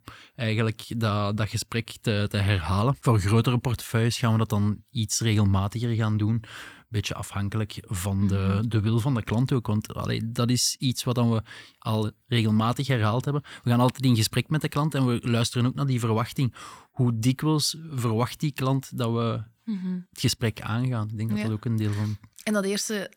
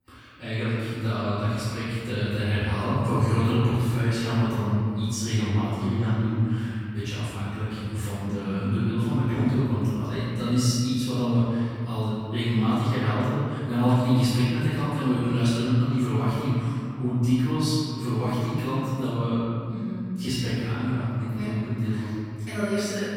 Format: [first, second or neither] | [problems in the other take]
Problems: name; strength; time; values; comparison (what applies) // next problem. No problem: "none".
first | room echo; strong; dies away in 2.3 s // off-mic speech; far